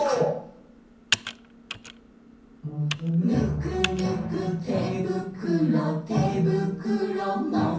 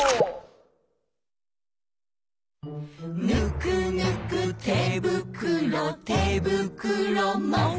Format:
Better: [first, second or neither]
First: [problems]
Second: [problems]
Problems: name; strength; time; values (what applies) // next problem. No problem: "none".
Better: second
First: background sound (Computer keyboard); 12 dB below the speech // room echo; dies away in 0.6 s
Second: none